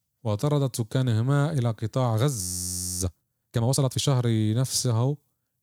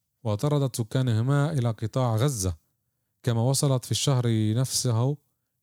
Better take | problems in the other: second | audio freezing; at 2.5 s for 0.5 s

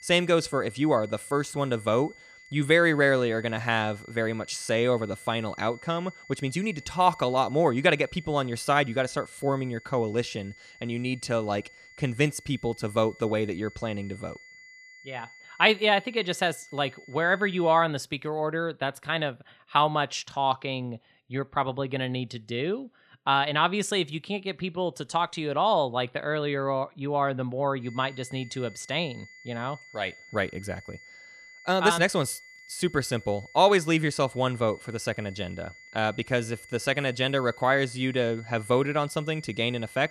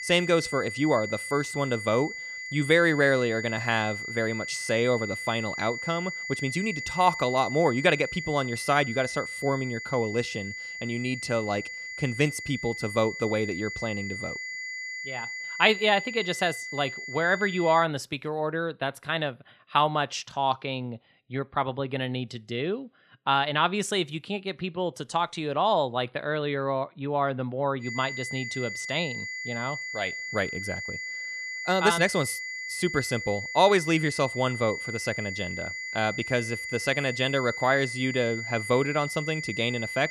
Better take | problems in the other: first | high-pitched whine; loud; until 18 s and from 28 s on; 2 kHz, 7 dB below the speech; faint in the first

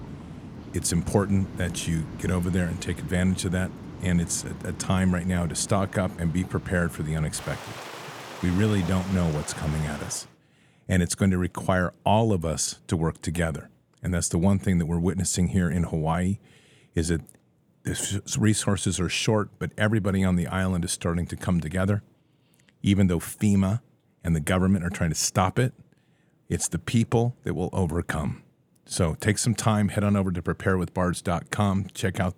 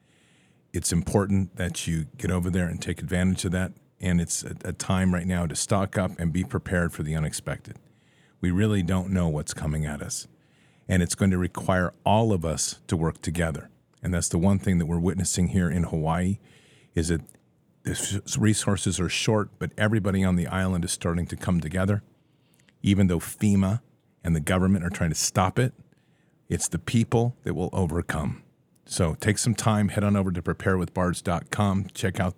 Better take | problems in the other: second | rain or running water; noticeable; until 10 s; 15 dB below the speech

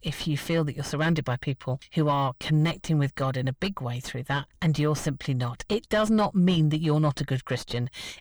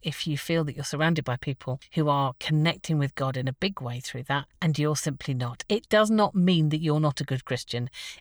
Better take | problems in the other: second | distortion; slight; 9 dB below the speech

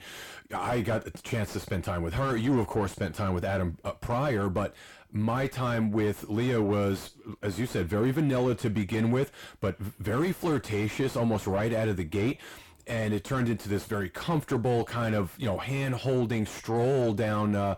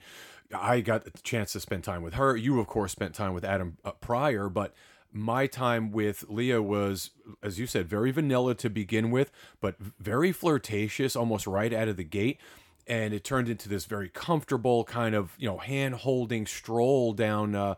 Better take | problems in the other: second | distortion; heavy; 6 dB below the speech

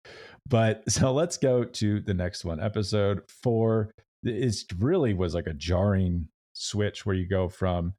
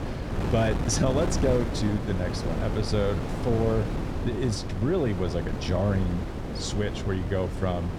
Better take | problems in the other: first | wind noise on the microphone; heavy; 5 dB below the speech

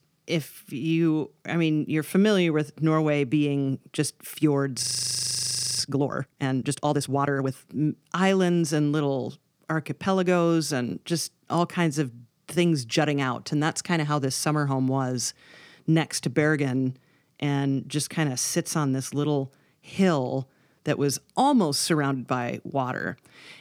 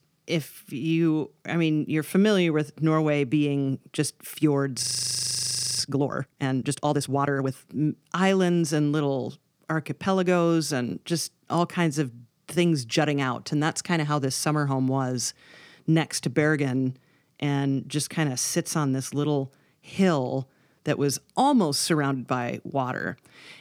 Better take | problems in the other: neither | audio freezing; at 5 s for 1 s; the same in both

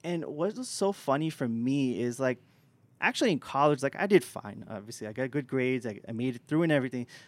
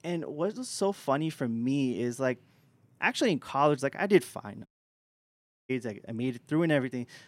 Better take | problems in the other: first | audio cutting out; at 4.5 s for 1 s

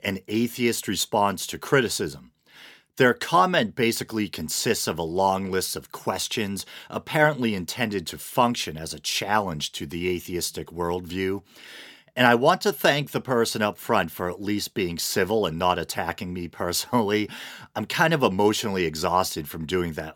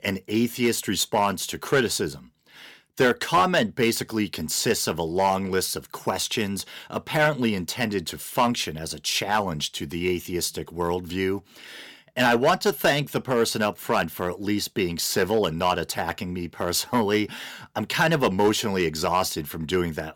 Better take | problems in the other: first | distortion; slight; 1.8% of the sound clipped

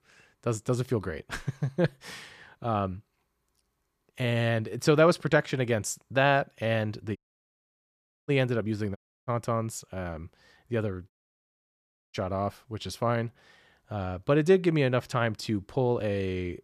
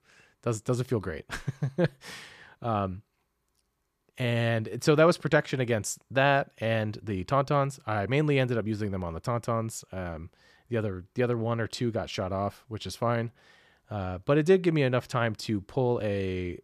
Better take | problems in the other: second | audio cutting out; at 7 s for 1 s, at 9 s and at 11 s for 1 s

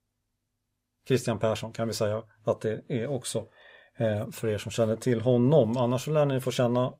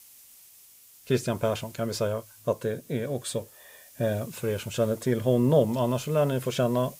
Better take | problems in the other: first | hiss; faint; throughout; 20 dB below the speech

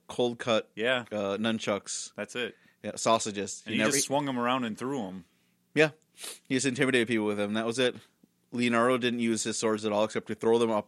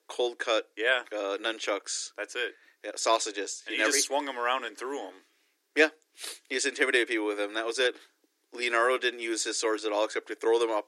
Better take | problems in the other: first | thin; somewhat; fading below 300 Hz

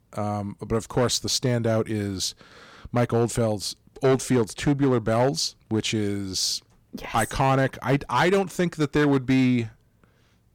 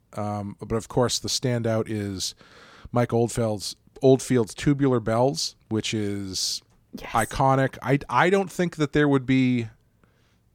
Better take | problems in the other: second | distortion; slight; 5% of the sound clipped

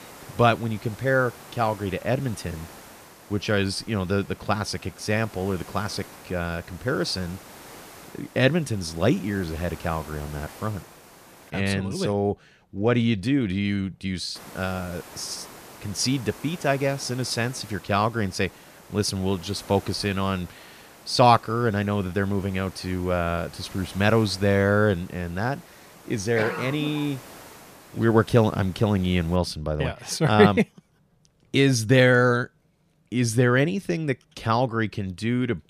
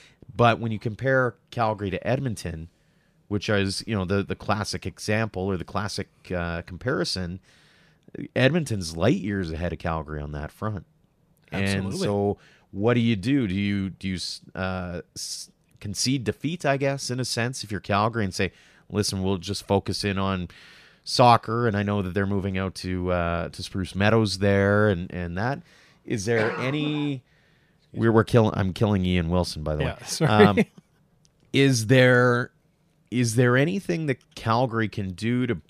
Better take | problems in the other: second | hiss; faint; until 12 s and from 14 to 29 s; 20 dB below the speech

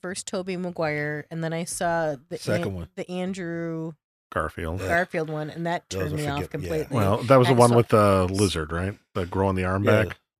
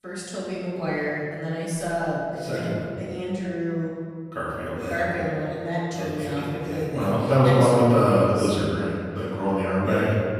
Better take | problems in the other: first | room echo; strong; dies away in 1.8 s // off-mic speech; far

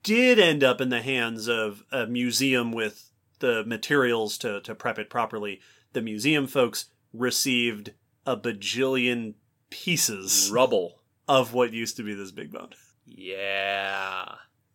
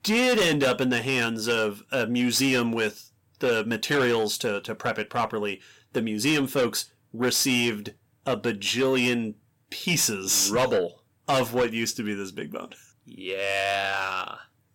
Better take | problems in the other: first | distortion; heavy; 7 dB below the speech

